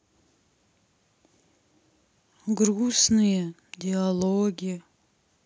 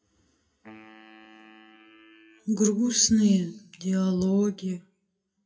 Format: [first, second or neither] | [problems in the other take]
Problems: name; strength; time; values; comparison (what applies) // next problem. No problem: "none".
first | noise reduction (classical method WPE with log-MMSE)